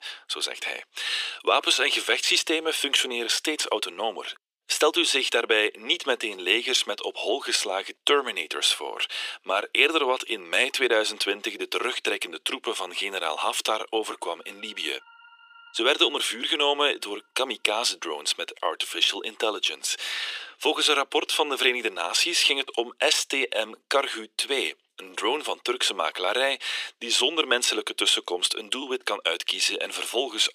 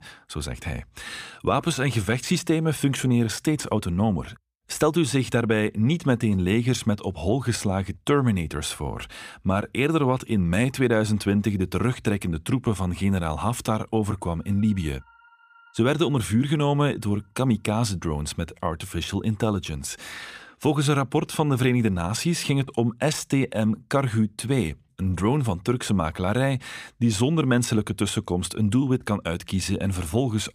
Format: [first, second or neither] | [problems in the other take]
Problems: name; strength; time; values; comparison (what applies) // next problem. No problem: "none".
second | thin; very; fading below 350 Hz